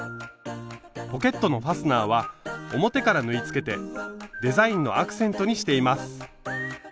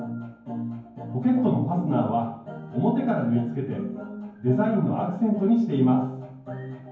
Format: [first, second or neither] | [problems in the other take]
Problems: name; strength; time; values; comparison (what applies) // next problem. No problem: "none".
first | room echo; dies away in 0.9 s